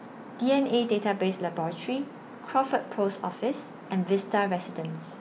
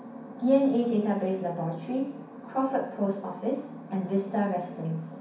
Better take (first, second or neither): first